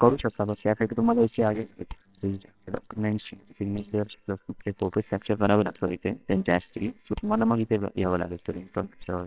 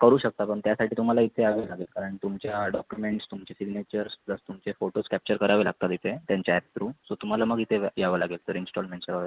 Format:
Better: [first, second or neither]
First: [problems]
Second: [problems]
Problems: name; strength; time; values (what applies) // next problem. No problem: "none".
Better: second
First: noise reduction (neural separator model SepFormer WHAMR!)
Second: none